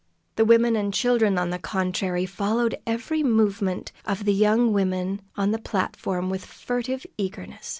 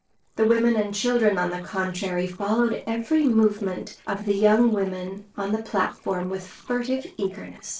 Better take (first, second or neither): first